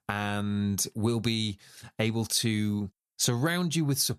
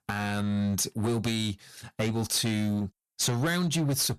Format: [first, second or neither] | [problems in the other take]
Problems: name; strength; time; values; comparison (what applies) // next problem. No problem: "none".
first | distortion; slight; 14% of the sound clipped